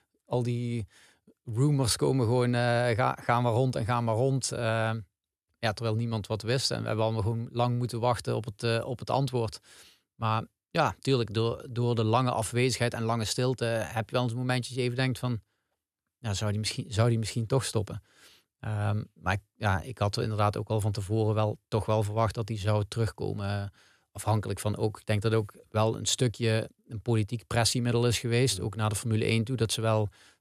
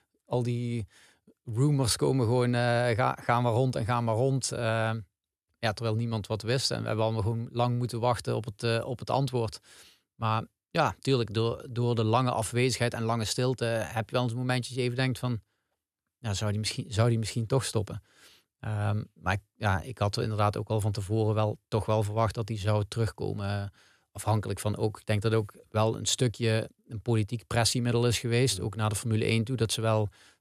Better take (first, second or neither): neither